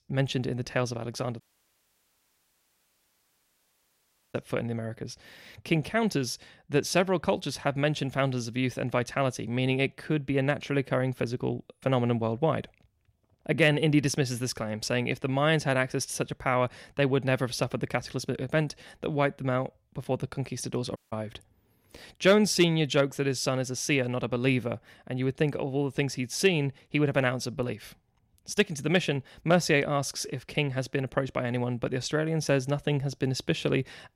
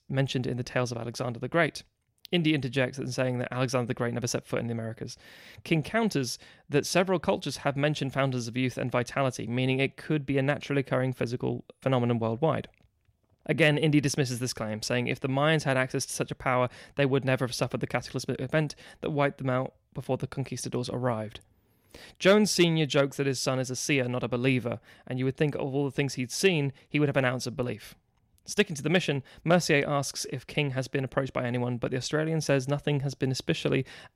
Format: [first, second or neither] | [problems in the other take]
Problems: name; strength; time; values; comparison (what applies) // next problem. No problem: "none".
second | audio cutting out; at 1.5 s for 3 s and at 21 s